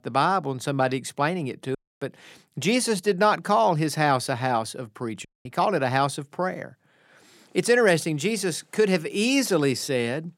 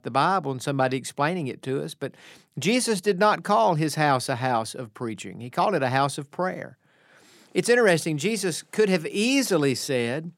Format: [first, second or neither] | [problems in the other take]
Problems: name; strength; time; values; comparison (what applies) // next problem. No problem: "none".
second | audio cutting out; at 2 s and at 5.5 s